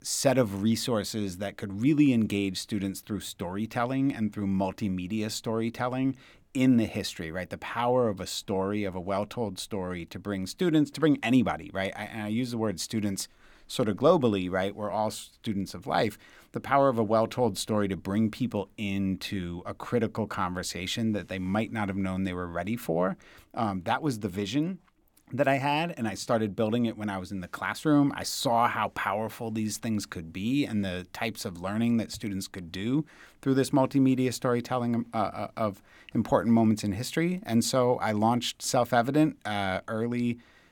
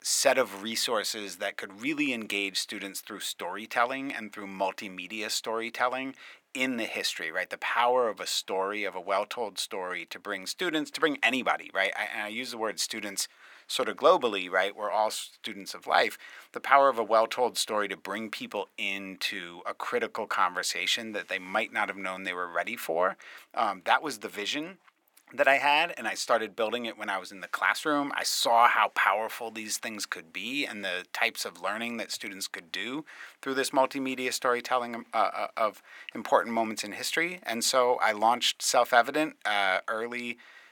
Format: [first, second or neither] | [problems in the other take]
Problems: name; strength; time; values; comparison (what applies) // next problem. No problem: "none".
first | thin; very; fading below 550 Hz